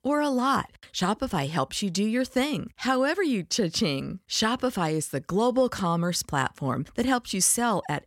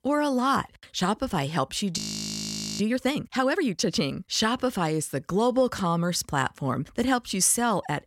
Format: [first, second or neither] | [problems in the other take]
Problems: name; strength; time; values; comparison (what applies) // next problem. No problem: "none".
first | audio freezing; at 2 s for 1 s